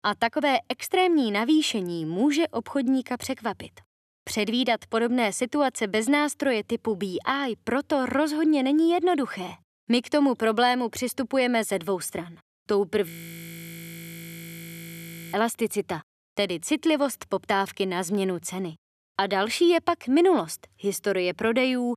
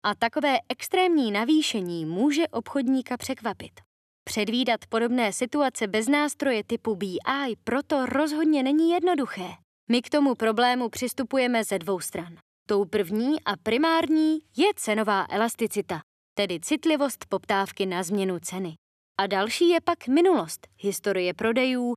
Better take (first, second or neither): second